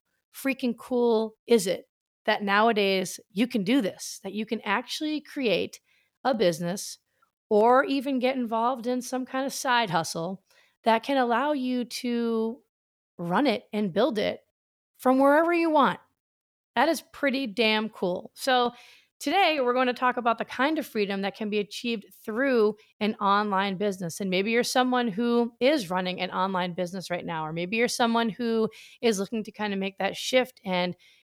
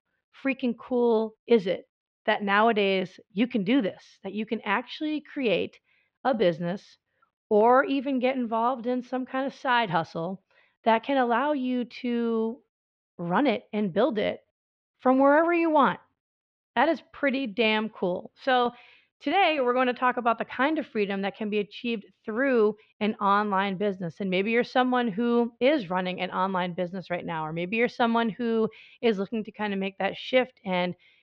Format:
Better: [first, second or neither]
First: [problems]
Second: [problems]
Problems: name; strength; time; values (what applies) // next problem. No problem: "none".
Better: first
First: none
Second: muffled; slightly; fading above 3 kHz